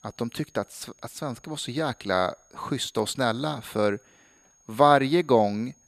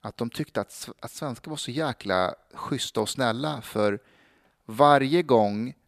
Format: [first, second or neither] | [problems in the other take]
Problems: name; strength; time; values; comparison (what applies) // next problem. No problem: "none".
second | high-pitched whine; faint; throughout; 6.5 kHz, 35 dB below the speech